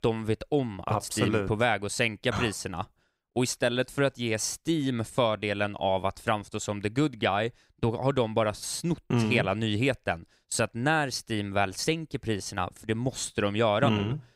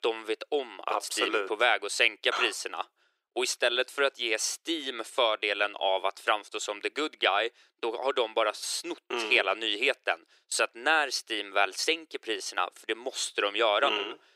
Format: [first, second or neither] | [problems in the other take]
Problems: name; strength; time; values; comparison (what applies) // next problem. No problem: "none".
first | thin; very; fading below 350 Hz